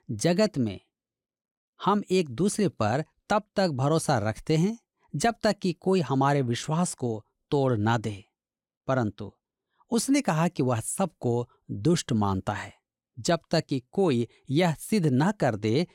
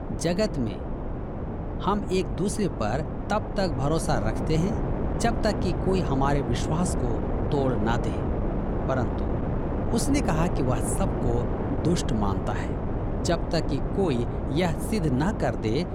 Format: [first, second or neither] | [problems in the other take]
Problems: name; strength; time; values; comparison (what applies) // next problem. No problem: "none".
first | wind noise on the microphone; heavy; 4 dB below the speech